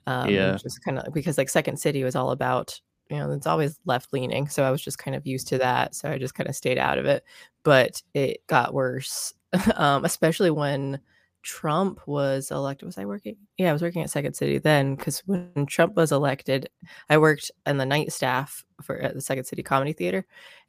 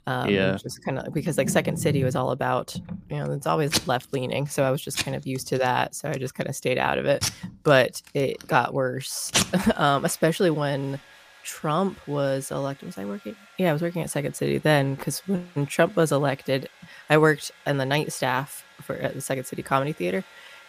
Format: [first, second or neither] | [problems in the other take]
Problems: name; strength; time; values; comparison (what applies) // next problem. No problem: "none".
first | household noises; loud; throughout; 4 dB below the speech